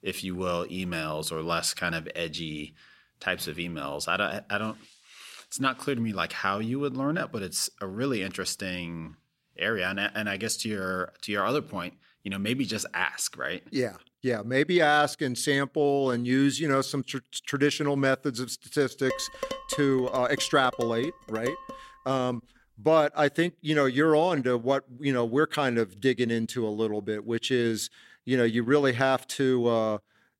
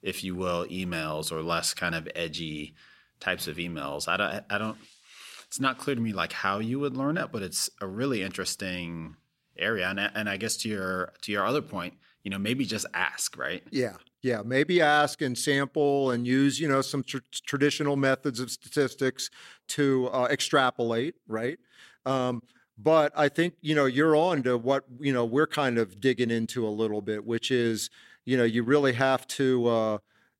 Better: second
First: clattering dishes; noticeable; from 19 to 22 s; peak 8 dB below the speech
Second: none

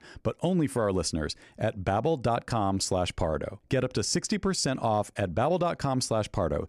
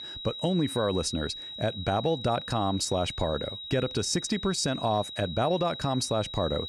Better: first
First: none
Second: high-pitched whine; loud; throughout; 4 kHz, 8 dB below the speech

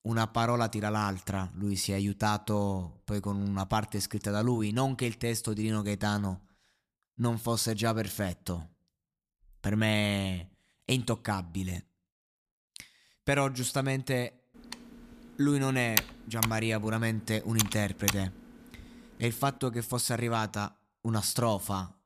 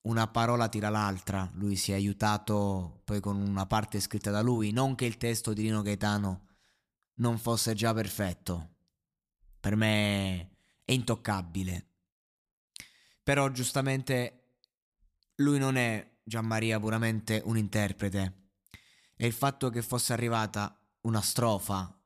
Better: second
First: keyboard typing; loud; from 15 to 18 s; peak 2 dB above the speech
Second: none

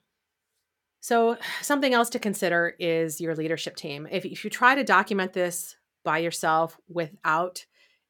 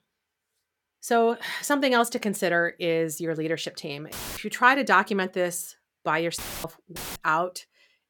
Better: first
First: none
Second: audio cutting out; filled with static; at 4 s, at 6.5 s and at 7 s

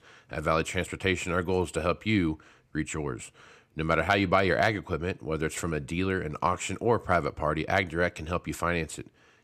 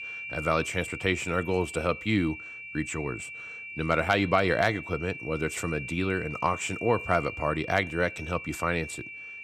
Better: first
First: none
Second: high-pitched whine; loud; throughout; 2.5 kHz, 9 dB below the speech

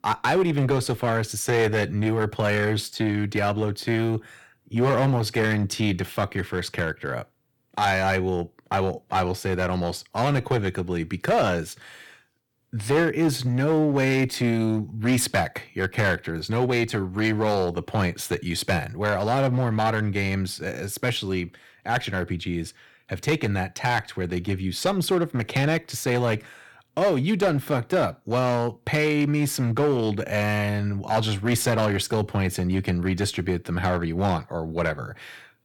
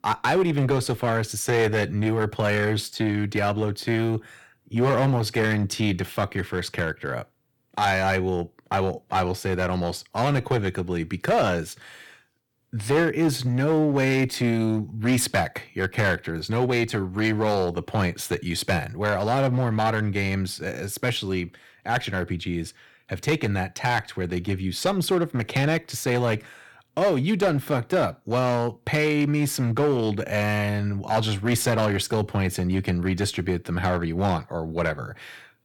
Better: neither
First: distortion; slight; 7% of the sound clipped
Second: distortion; slight; 7% of the sound clipped

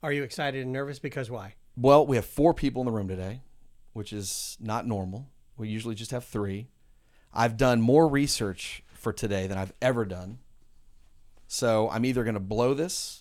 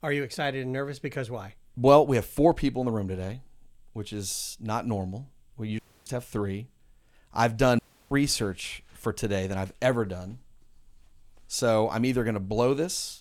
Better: first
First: none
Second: audio cutting out; at 6 s and at 8 s

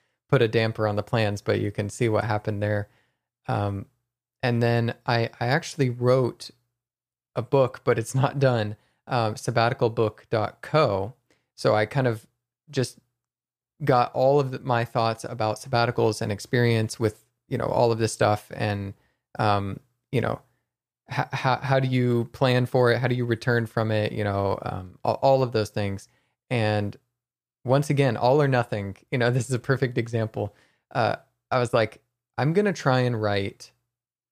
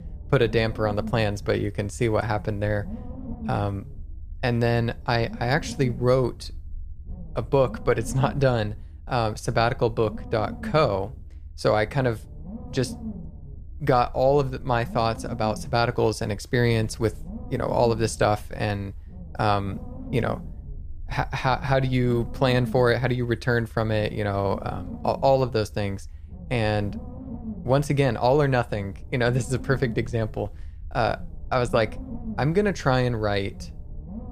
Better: first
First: none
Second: low rumble; faint; throughout; 20 dB below the speech

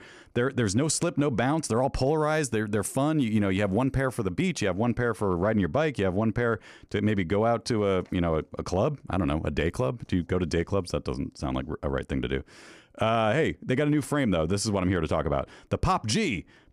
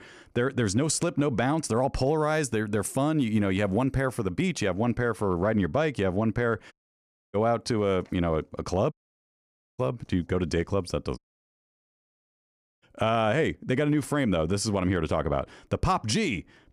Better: first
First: none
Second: audio cutting out; at 6.5 s for 0.5 s, at 9 s for 1 s and at 11 s for 1.5 s

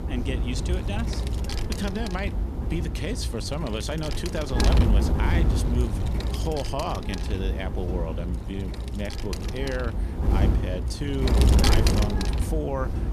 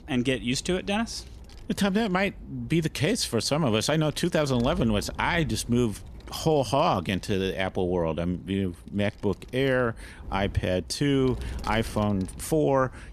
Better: second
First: wind noise on the microphone; heavy; 1 dB below the speech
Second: wind noise on the microphone; occasional gusts; 25 dB below the speech

